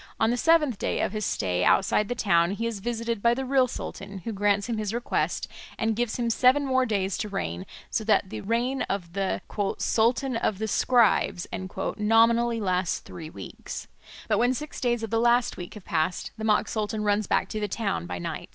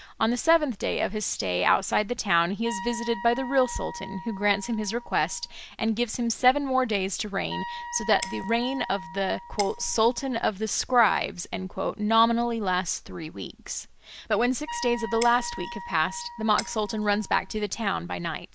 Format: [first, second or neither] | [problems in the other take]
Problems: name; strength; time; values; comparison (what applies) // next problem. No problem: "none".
first | background sound (Wind instrument, woodwind instrument + Shatter); 12 dB below the speech